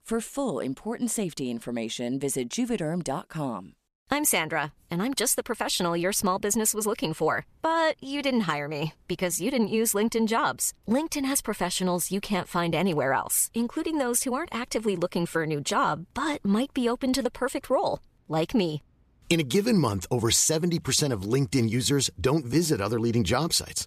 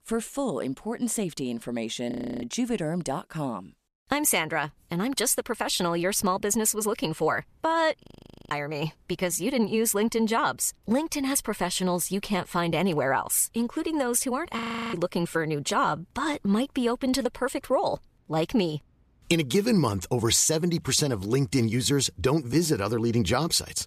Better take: first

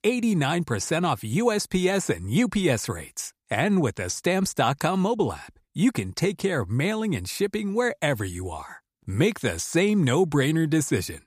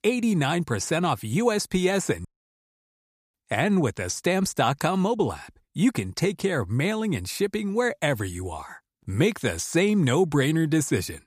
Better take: first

